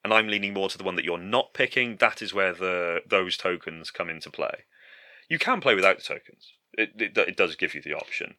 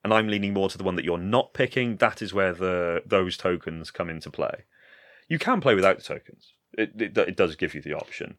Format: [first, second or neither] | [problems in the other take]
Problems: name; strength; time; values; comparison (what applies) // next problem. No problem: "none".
second | thin; very slightly; fading below 900 Hz